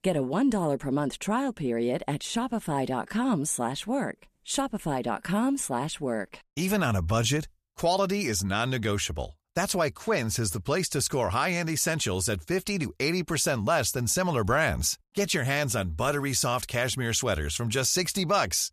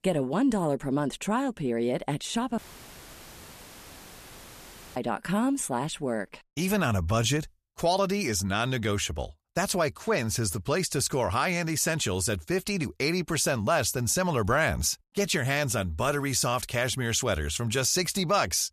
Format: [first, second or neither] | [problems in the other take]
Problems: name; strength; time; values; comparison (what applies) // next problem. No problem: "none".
first | audio cutting out; filled with static; at 2.5 s for 2.5 s